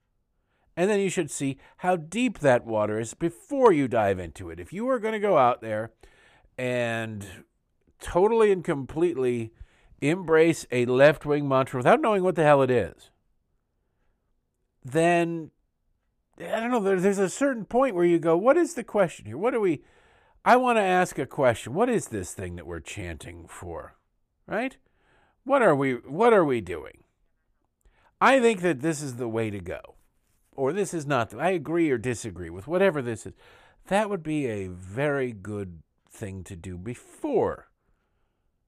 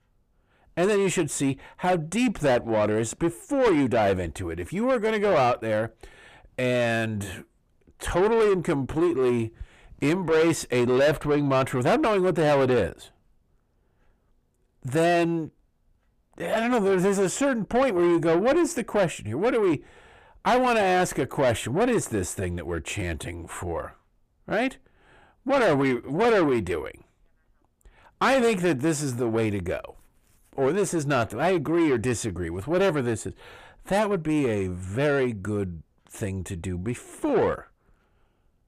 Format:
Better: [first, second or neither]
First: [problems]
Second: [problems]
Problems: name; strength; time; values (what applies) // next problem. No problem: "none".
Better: first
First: none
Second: distortion; heavy; 7 dB below the speech